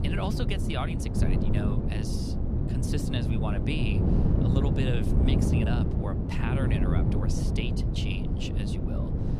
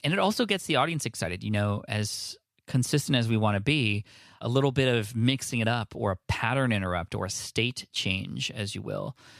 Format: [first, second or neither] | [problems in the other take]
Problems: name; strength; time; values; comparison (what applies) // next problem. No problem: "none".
second | wind noise on the microphone; heavy; 1 dB above the speech